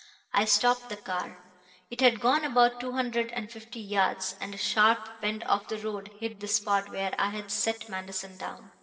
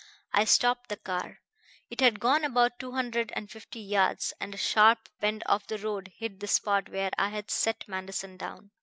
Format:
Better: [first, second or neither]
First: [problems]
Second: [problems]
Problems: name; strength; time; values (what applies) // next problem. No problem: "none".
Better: second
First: room echo; dies away in 1.4 s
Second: none